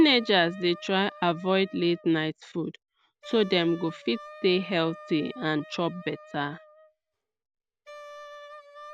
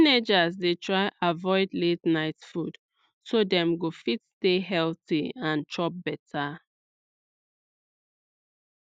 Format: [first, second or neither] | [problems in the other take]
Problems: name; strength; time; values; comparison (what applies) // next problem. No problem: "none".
second | background sound (Wind instrument, woodwind instrument); 19 dB below the speech